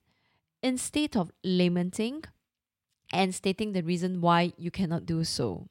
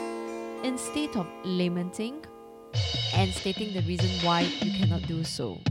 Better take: first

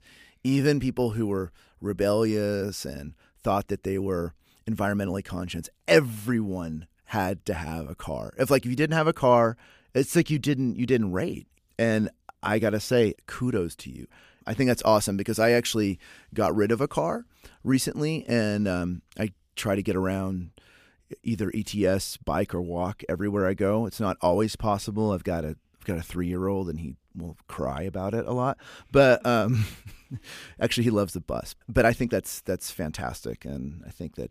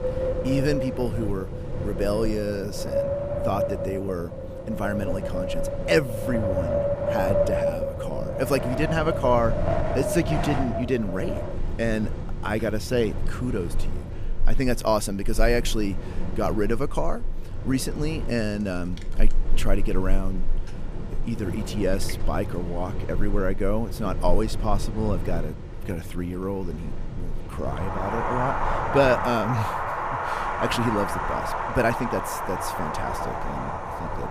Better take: first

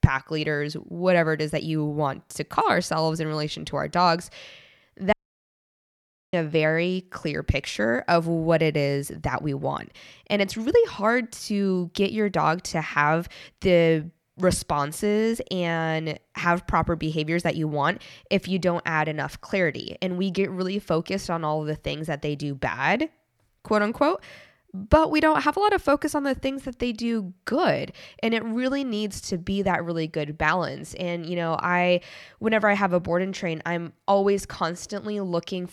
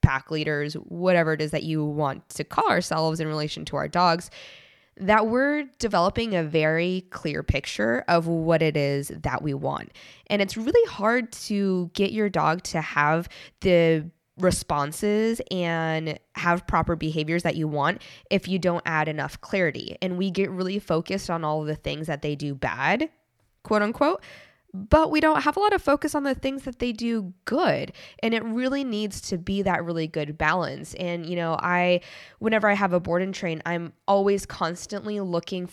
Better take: second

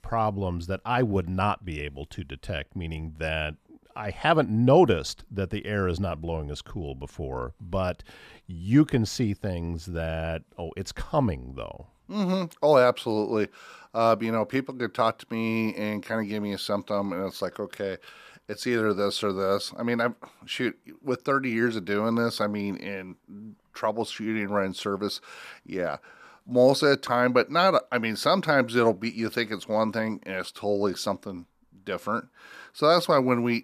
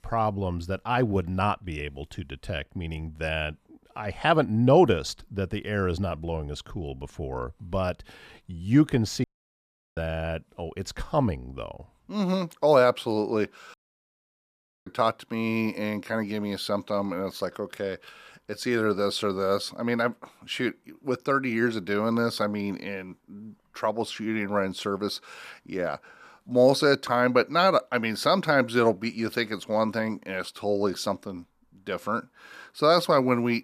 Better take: first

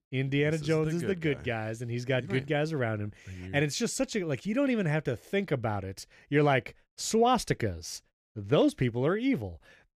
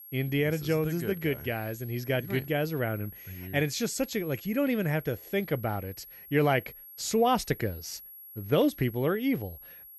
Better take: first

